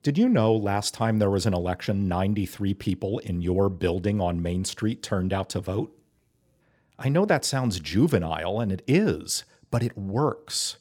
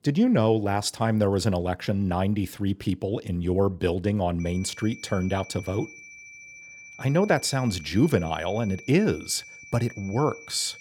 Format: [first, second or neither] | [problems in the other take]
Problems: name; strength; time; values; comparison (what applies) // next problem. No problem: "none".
first | high-pitched whine; noticeable; from 4.5 s on; 2.5 kHz, 15 dB below the speech